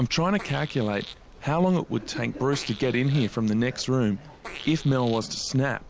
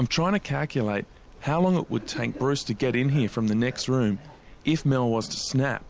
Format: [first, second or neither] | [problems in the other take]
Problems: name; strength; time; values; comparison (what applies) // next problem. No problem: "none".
second | background sound (Fart); 18 dB below the speech